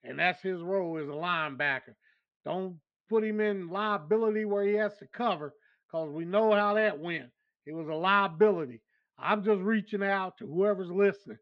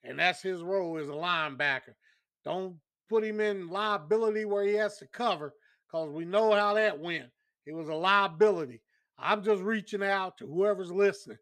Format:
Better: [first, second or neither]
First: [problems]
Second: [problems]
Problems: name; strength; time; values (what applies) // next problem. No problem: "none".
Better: second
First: muffled; slightly; fading above 3 kHz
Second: none